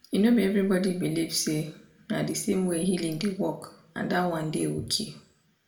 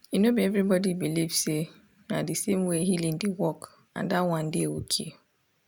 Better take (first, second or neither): second